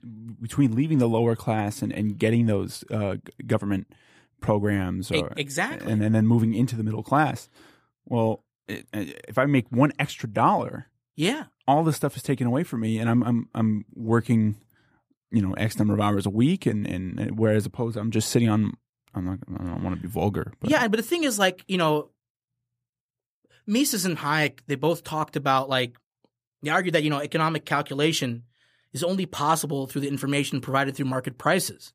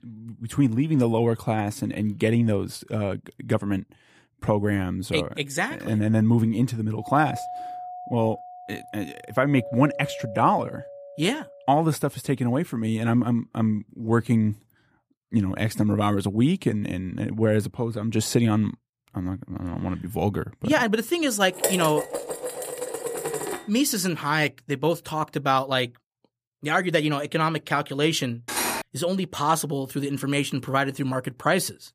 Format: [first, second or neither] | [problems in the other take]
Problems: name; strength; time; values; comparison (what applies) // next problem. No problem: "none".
first | doorbell; noticeable; from 7 to 12 s; peak 9 dB below the speech // clattering dishes; noticeable; from 22 to 24 s and at 28 s; peak level with the speech